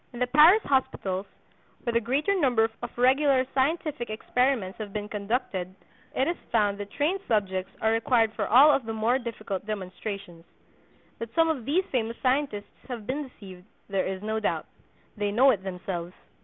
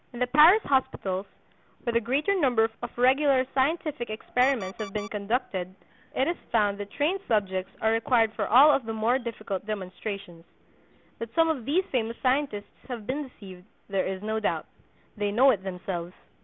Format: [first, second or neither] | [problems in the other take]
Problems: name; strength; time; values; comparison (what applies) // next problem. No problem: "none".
first | background sound (Alarm); 18 dB below the speech